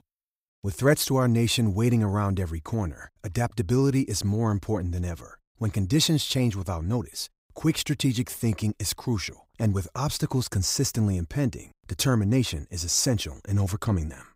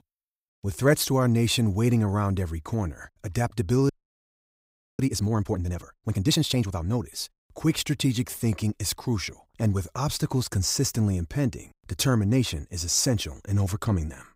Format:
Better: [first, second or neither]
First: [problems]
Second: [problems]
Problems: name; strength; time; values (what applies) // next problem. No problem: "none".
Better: first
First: none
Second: audio freezing; at 4 s for 1 s